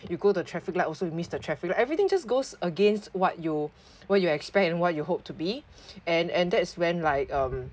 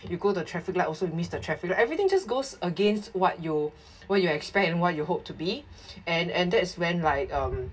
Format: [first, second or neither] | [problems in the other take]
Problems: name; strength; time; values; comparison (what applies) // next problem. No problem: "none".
first | room echo; dies away in 0.2 s